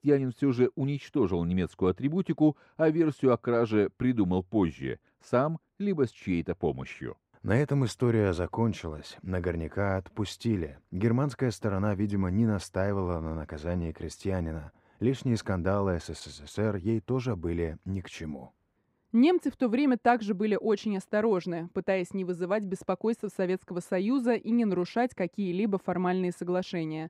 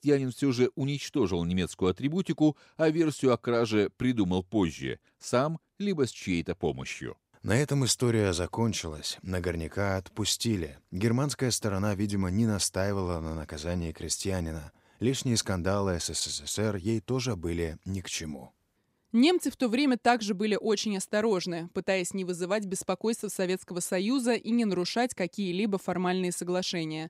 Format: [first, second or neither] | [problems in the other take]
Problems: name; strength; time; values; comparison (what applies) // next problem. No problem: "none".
second | muffled; slightly; fading above 3 kHz